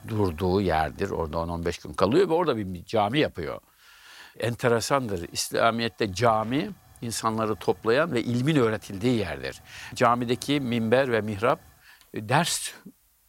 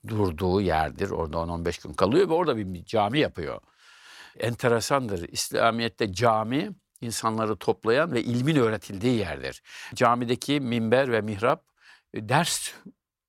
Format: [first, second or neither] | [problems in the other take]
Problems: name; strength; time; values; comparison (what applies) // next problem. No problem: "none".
second | hiss; faint; throughout; 30 dB below the speech